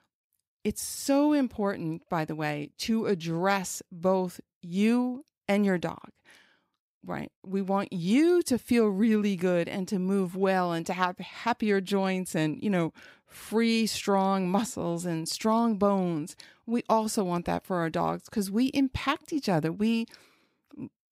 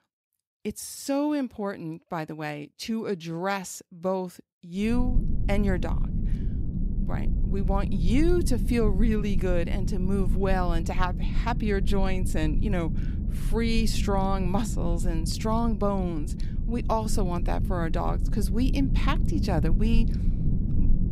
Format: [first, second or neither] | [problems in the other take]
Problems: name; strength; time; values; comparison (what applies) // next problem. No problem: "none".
first | low rumble; noticeable; from 5 s on; 10 dB below the speech